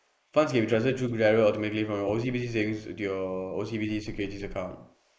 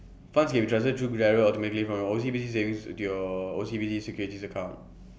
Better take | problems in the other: second | noise reduction (neural mask model Resemble Enhance denoiser)

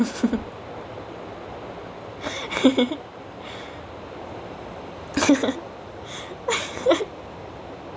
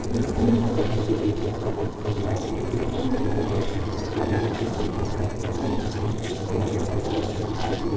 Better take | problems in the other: first | noise reduction (neural separator model SepFormer DNS4)

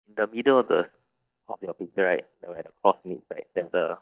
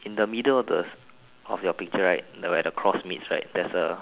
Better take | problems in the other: second | noise reduction (neural mask model DeepFilterNet 3)

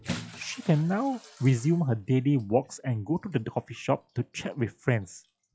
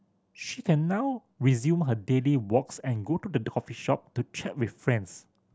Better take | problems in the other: second | noise reduction (classical method log-MMSE)

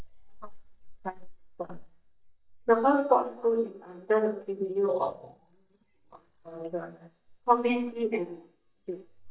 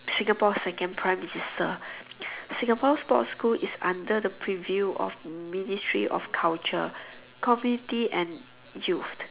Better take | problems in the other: second | noise reduction (neural mask model DeepFilterNet 3)

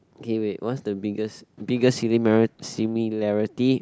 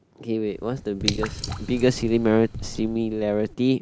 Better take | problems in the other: first | background sound (Drip / Water); 10 dB below the speech

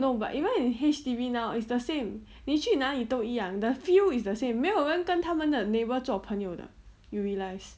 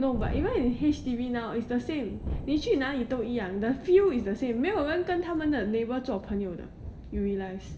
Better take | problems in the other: first | background sound (Thunderstorm); 11 dB below the speech // room echo; dies away in 2 s

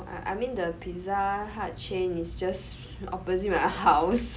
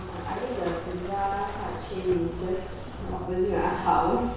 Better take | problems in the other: first | background sound (Waves, surf); 11 dB below the speech // room echo; dies away in 1.1 s

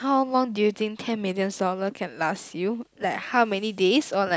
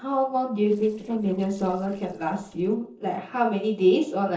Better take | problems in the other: first | noise reduction (neural separator model SepFormer DNS4)

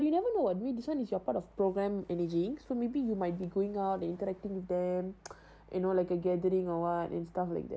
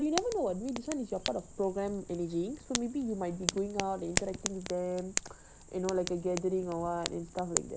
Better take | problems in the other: first | background sound (Fire); 6 dB below the speech

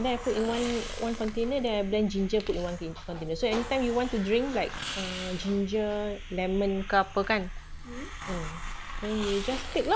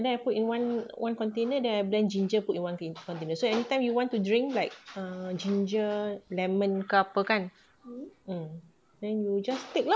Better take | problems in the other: second | background sound (Hiss); 9 dB below the speech

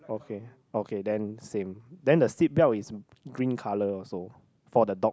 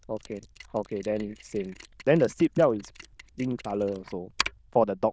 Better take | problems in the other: first | noise reduction (neural diffusion model UNIVERSE++)

